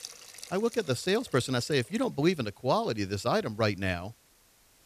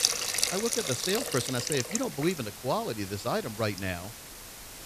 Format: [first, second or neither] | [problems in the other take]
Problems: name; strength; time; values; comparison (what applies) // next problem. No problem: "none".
first | hiss; loud; throughout; 1 dB below the speech; faint in the first